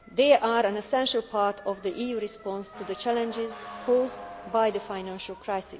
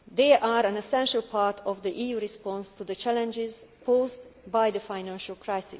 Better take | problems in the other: second | background sound (Motor vehicle (road) / Siren); 18 dB below the speech

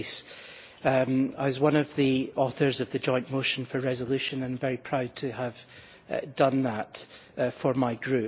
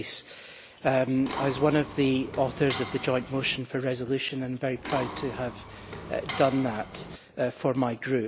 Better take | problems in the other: first | background sound (Mechanisms); 10 dB below the speech

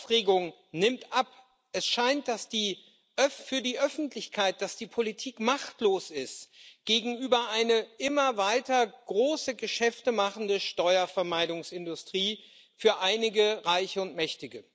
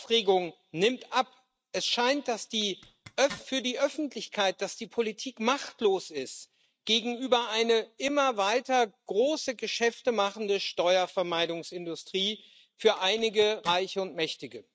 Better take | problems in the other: first | noise reduction (neural mask model RNNoise)

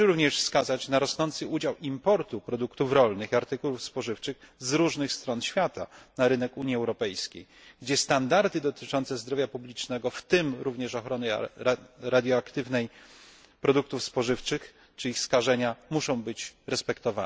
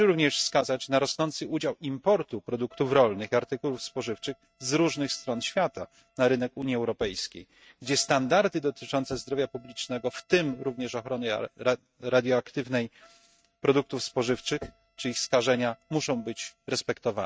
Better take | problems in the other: first | noise reduction (neural mask model RNNoise)

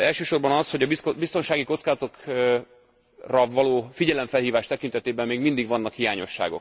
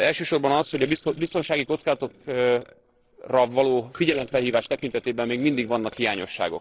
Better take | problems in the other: first | noise reduction (neural separator model SepFormer DNS4)

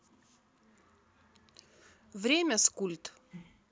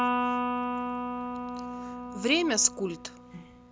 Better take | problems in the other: first | background sound (Electric guitar); as loud as the speech

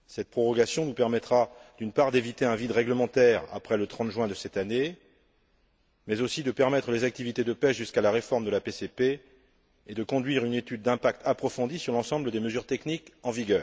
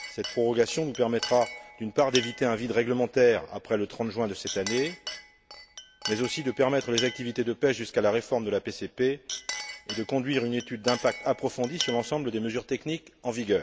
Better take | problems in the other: first | background sound (Chink, clink); 12 dB below the speech

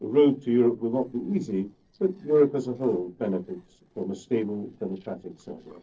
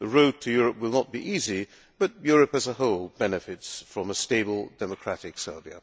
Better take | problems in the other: second | noise reduction (neural separator model SepFormer DNS4)

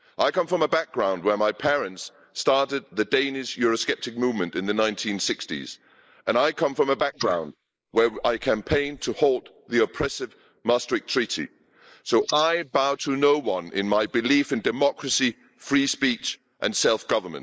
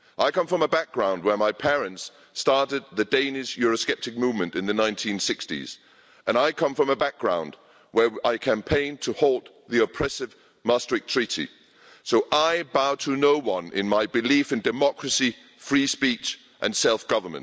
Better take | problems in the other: second | noise reduction (neural mask model Resemble Enhance denoiser)

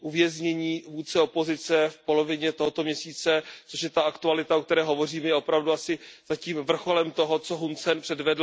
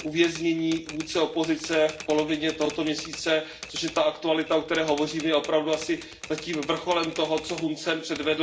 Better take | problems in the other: first | background sound (Typewriter); 16 dB below the speech // room echo; dies away in 0.5 s

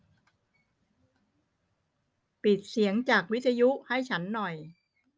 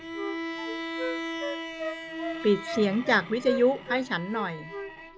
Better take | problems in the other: first | background sound (Wind instrument, woodwind instrument + Bowed string instrument); 5 dB below the speech

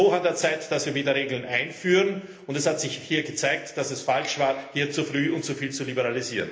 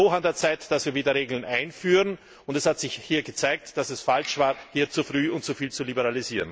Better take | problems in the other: second | room echo; dies away in 0.8 s

